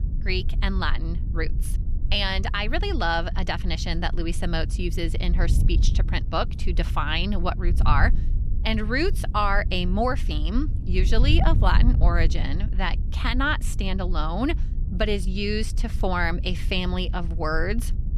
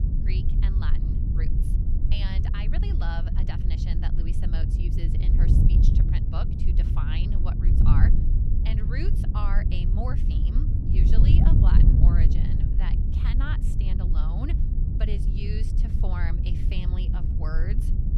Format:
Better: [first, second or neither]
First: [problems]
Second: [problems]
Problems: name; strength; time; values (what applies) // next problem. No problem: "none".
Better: first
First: wind noise on the microphone; occasional gusts; 15 dB below the speech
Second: wind noise on the microphone; heavy; as loud as the speech